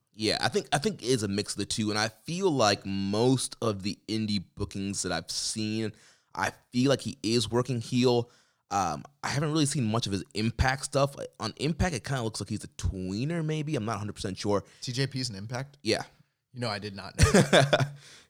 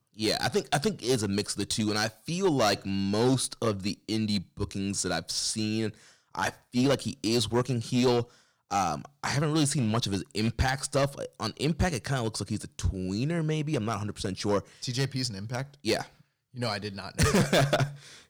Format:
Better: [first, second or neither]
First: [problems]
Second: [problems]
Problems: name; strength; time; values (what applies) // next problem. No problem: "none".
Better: first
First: none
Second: distortion; slight; 4% of the sound clipped